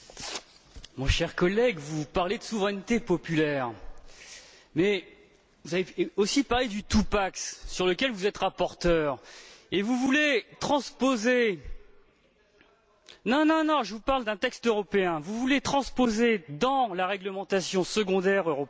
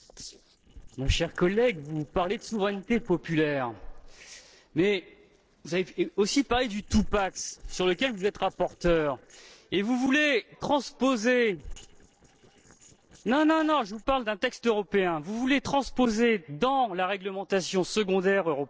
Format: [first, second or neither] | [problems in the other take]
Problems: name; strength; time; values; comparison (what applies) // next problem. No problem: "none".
first | noise reduction (neural separator model SepFormer DNS4)